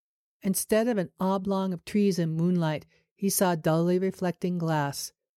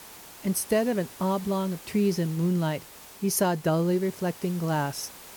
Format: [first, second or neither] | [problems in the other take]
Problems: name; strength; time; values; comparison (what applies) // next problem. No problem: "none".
first | hiss; noticeable; throughout; 15 dB below the speech